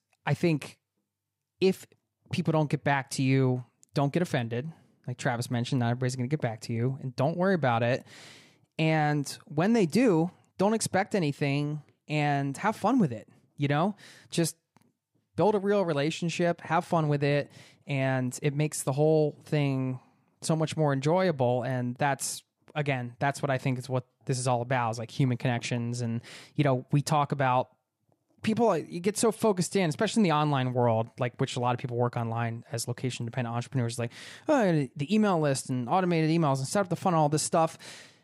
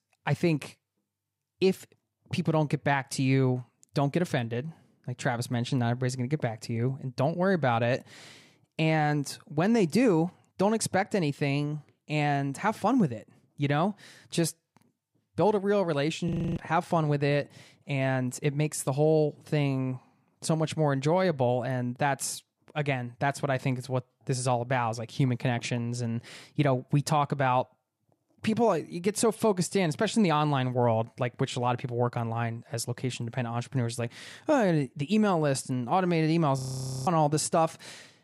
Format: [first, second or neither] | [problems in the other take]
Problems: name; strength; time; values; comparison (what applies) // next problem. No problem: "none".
first | audio freezing; at 16 s and at 37 s